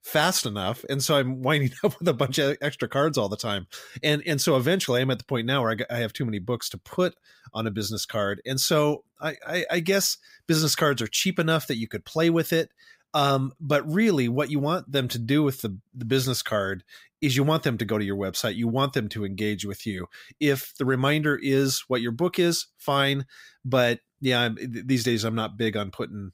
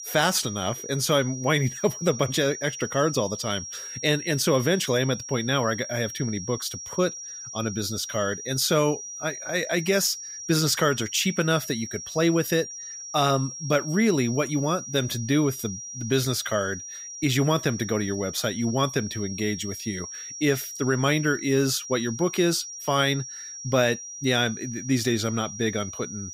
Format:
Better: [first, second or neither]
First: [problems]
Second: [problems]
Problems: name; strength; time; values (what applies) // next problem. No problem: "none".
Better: first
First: none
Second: high-pitched whine; loud; throughout; 5.5 kHz, 10 dB below the speech